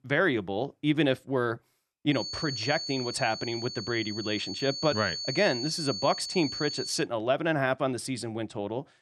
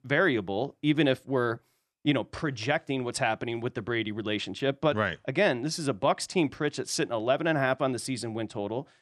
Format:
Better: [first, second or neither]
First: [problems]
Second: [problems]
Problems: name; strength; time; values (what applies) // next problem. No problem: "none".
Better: second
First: high-pitched whine; loud; from 2 to 7 s; 4.5 kHz, 5 dB below the speech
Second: none